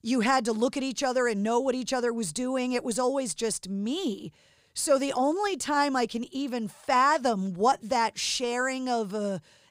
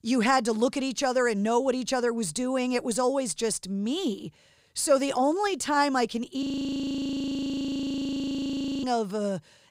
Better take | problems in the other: first | audio freezing; at 6.5 s for 2.5 s

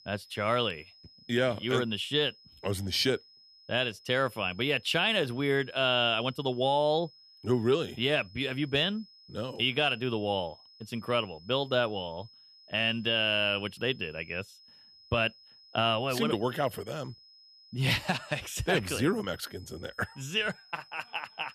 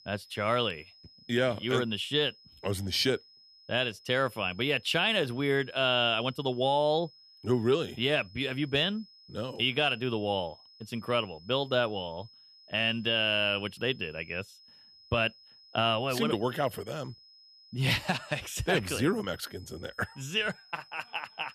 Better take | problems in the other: neither | high-pitched whine; faint; throughout; 5 kHz, 25 dB below the speech; the same in both

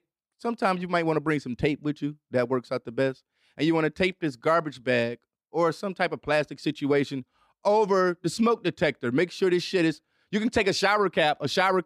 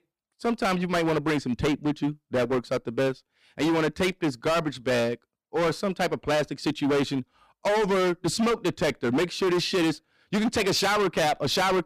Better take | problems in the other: first | distortion; heavy; 22% of the sound clipped

